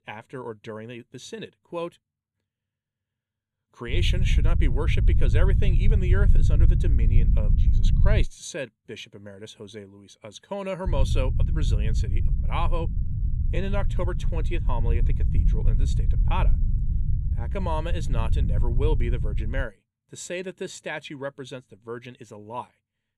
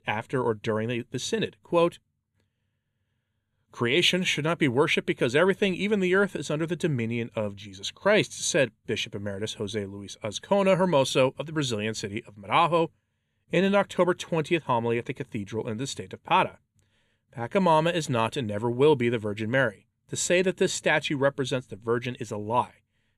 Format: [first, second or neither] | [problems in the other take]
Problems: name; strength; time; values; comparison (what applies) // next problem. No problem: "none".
second | low rumble; loud; from 4 to 8 s and from 11 to 20 s; 7 dB below the speech